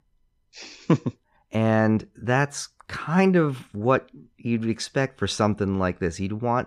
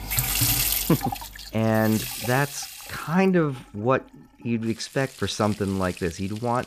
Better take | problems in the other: first | household noises; loud; throughout; as loud as the speech

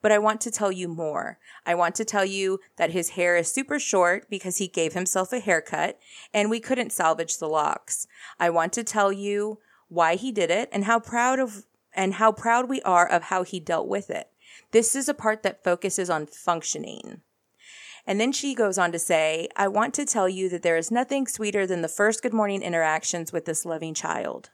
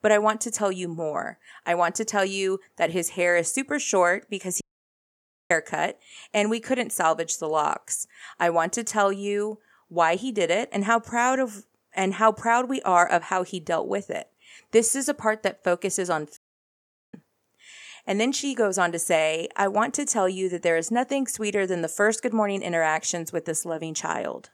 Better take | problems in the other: first | audio cutting out; at 4.5 s for 1 s and at 16 s for 1 s

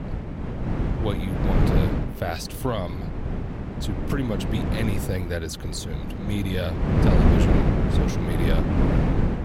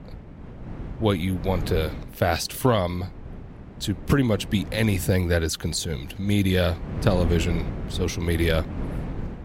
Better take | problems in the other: second | wind noise on the microphone; heavy; 2 dB above the speech; occasional gusts in the second

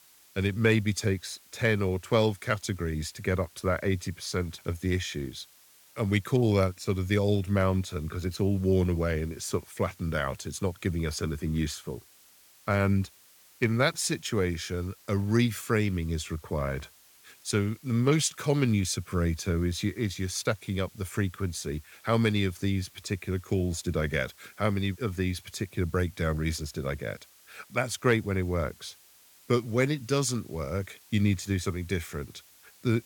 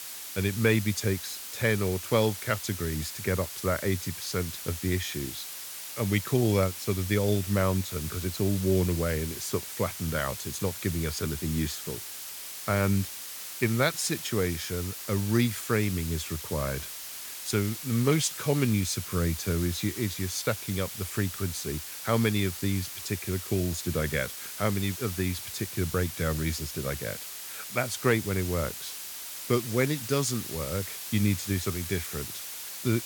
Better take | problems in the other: first | hiss; loud; throughout; 7 dB below the speech; faint in the first

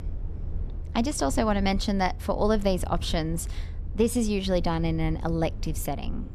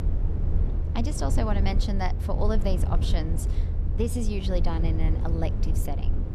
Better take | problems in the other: first | low rumble; loud; throughout; 8 dB below the speech; faint in the first

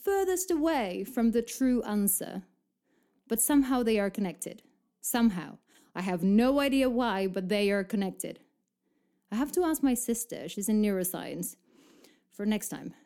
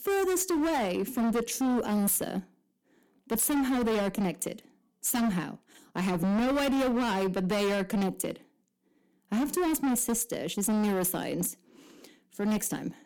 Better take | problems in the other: first | distortion; heavy; 22% of the sound clipped

